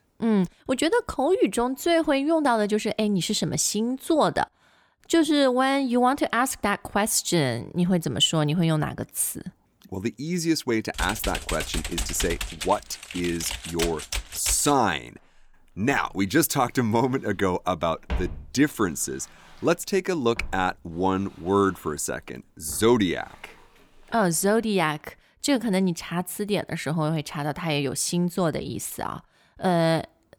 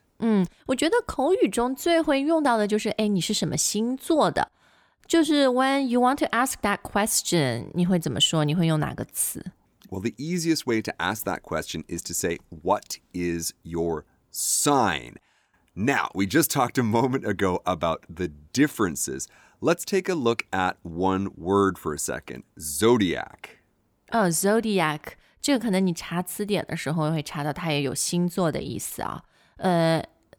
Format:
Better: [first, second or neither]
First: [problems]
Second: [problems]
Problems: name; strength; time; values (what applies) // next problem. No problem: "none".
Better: second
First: keyboard typing; noticeable; from 11 to 15 s; peak 4 dB below the speech // footsteps; noticeable; from 16 to 23 s; peak 8 dB below the speech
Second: none